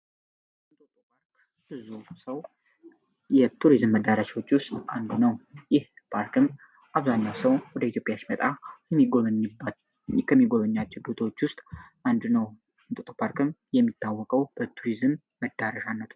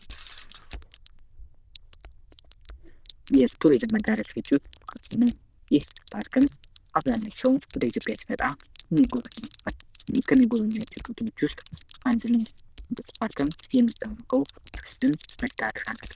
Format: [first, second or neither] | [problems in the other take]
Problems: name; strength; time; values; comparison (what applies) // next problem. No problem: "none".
first | noise reduction (neural diffusion model UNIVERSE++)